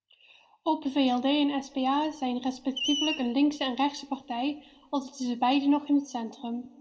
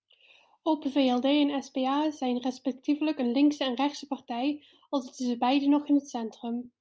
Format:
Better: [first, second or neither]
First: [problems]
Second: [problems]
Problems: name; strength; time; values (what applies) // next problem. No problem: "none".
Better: second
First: background sound (Screech); 11 dB below the speech // room echo; dies away in 1.6 s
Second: none